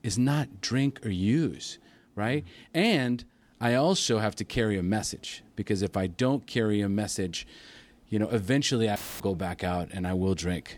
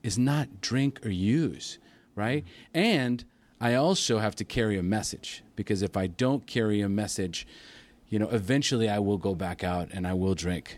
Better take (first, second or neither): second